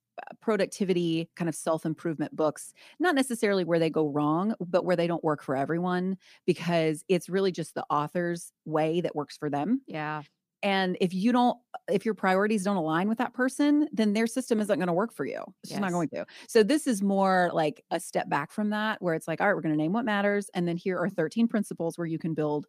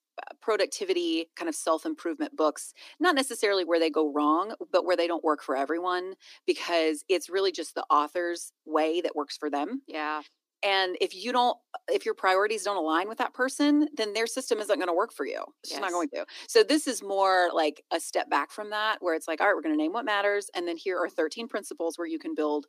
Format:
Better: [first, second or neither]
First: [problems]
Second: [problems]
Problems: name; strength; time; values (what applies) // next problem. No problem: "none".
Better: first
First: none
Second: thin; somewhat; fading below 300 Hz